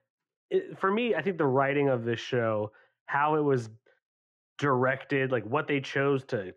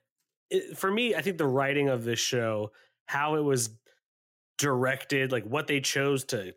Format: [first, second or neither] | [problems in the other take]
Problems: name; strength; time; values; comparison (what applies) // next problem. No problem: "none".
second | muffled; very; fading above 2 kHz